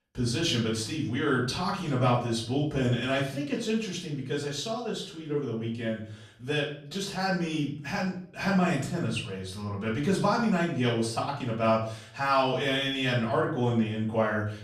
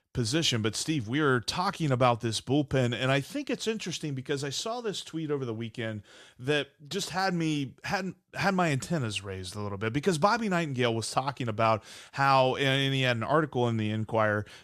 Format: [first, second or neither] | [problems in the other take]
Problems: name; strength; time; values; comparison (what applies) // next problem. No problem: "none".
second | off-mic speech; far // room echo; slight; dies away in 0.5 s